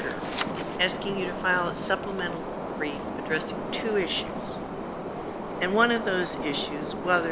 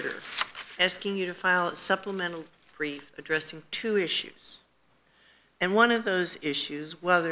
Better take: second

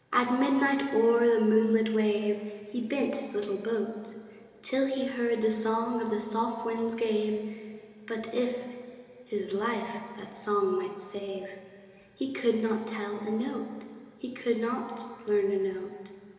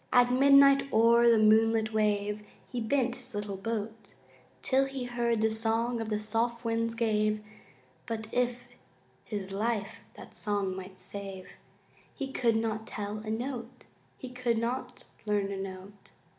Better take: second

